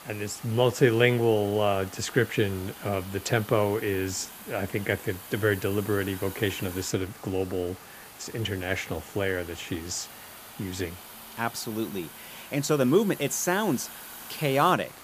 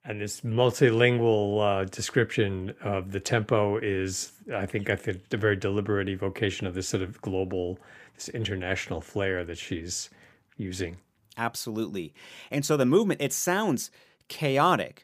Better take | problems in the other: second | hiss; noticeable; throughout; 15 dB below the speech

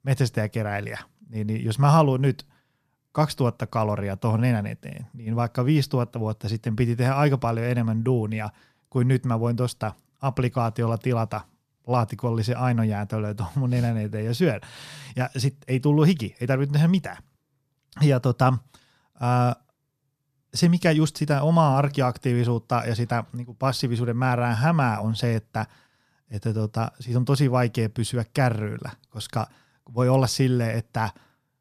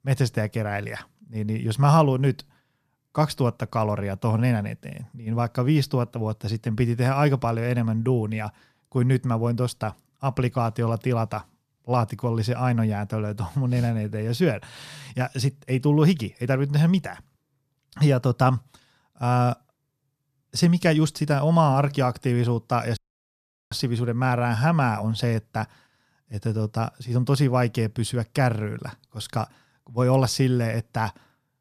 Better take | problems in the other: first | audio cutting out; at 23 s for 0.5 s

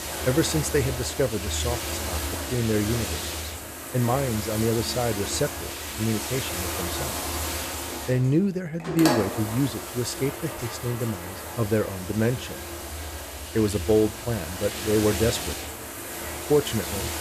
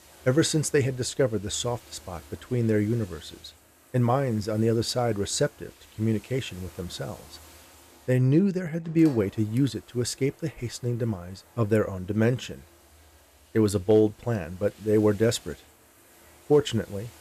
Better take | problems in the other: second | household noises; loud; throughout; 4 dB below the speech; faint in the second

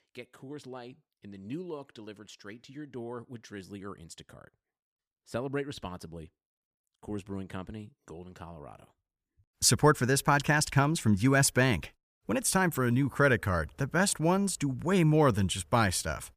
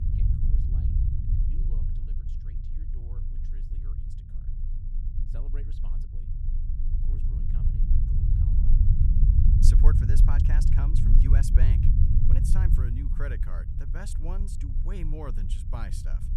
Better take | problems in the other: first | low rumble; loud; throughout; as loud as the speech

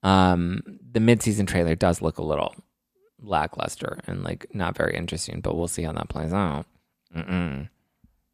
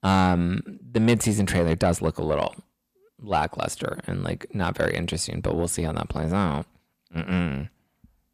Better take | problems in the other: first | distortion; slight; 10 dB below the speech

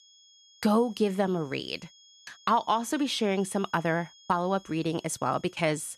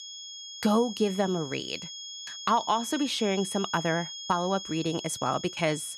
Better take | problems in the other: first | high-pitched whine; loud; throughout; 3.5 kHz, 9 dB below the speech; faint in the first

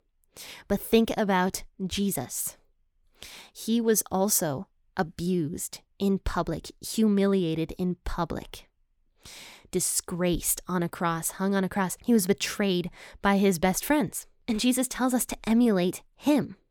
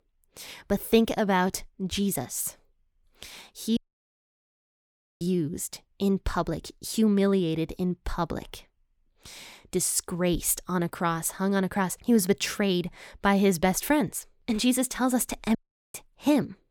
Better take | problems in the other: first | audio cutting out; at 4 s for 1.5 s and at 16 s

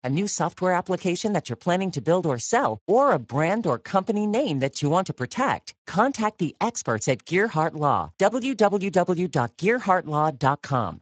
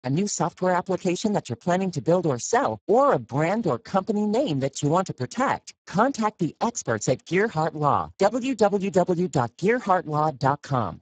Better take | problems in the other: first | garbled, watery; badly; nothing above 7.5 kHz; slightly in the first

